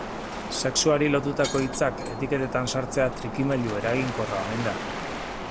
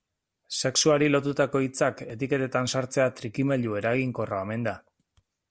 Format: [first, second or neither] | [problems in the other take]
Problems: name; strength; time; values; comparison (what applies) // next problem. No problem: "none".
second | background sound (Shatter + Waves, surf); 6 dB below the speech